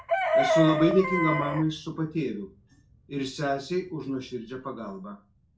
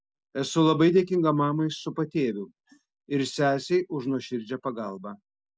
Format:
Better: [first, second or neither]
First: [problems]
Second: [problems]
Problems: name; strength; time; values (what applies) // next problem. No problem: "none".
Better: second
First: background sound (Chicken, rooster); 2 dB below the speech // room echo; dies away in 0.3 s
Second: none